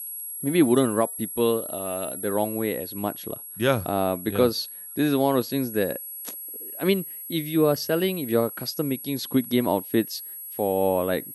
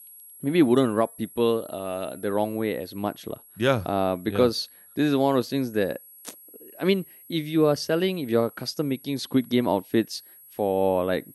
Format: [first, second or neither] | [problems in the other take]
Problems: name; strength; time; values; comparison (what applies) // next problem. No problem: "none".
second | high-pitched whine; loud; throughout; 11.5 kHz, 9 dB below the speech; faint in the second